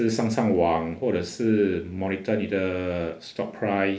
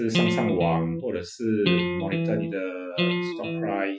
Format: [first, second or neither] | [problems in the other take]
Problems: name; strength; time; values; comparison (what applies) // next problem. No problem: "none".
first | noise reduction (classical method Wiener filter)